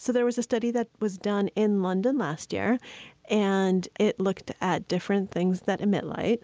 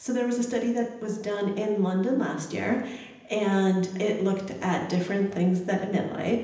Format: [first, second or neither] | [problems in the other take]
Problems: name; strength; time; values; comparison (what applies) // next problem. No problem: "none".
first | room echo; dies away in 0.9 s